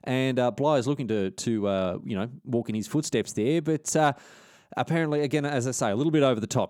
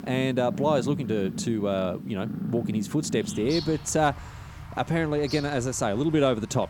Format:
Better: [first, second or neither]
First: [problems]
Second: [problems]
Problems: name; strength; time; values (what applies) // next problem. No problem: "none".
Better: first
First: none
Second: animal sounds; loud; throughout; 10 dB below the speech